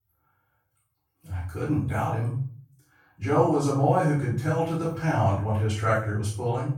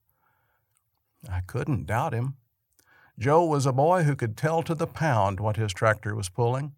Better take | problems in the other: second | room echo; noticeable; dies away in 0.4 s // off-mic speech; far

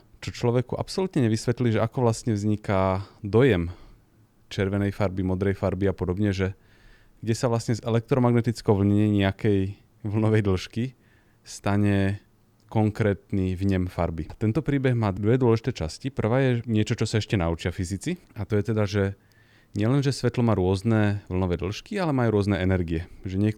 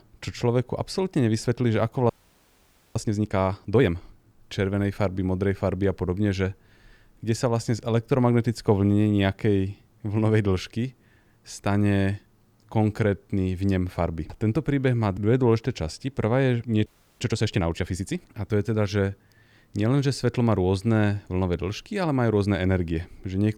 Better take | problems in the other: first | audio freezing; at 2 s for 1 s and at 17 s

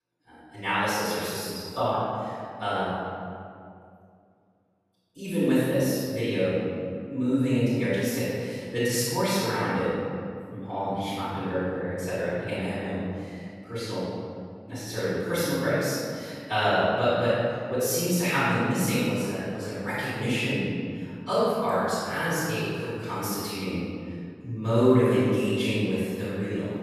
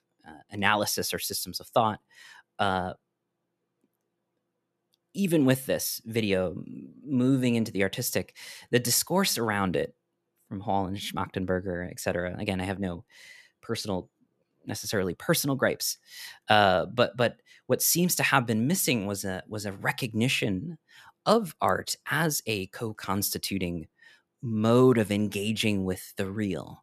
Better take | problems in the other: second | off-mic speech; far // room echo; strong; dies away in 2.1 s

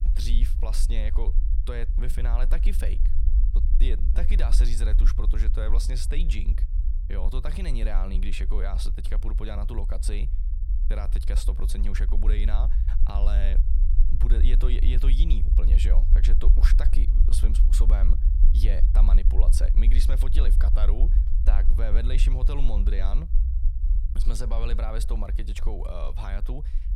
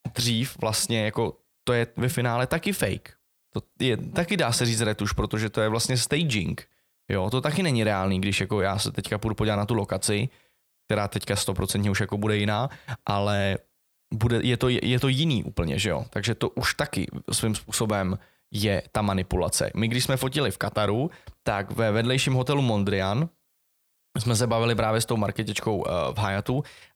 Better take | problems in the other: second | low rumble; loud; throughout; 8 dB below the speech

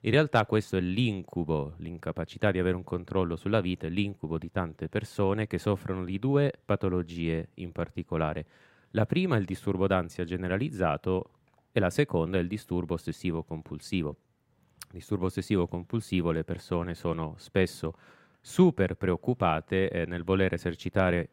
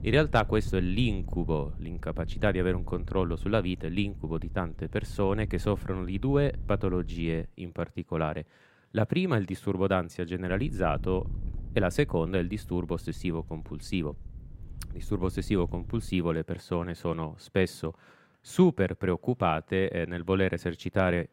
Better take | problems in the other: first | wind noise on the microphone; occasional gusts; until 7.5 s and from 10 to 16 s; 25 dB below the speech

